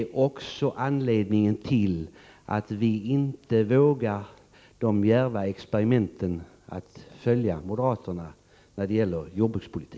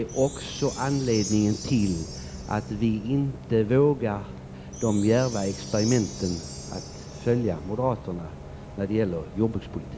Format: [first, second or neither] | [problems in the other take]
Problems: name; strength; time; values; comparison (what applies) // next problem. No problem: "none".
first | background sound (Bus + Chime); 11 dB below the speech